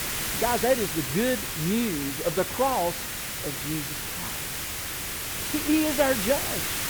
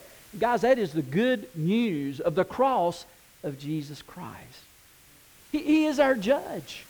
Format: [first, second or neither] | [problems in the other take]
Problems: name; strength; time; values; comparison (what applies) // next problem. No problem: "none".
second | hiss; loud; throughout; 2 dB below the speech; faint in the second